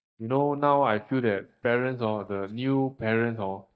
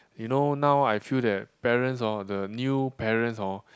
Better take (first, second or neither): second